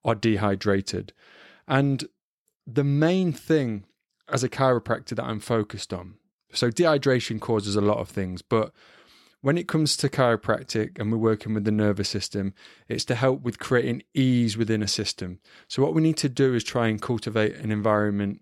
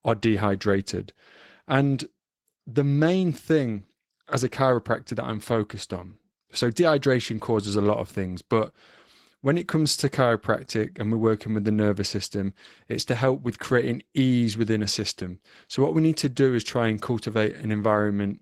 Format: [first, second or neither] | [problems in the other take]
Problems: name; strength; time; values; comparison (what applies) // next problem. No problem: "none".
first | garbled, watery; slightly; nothing above 16.5 kHz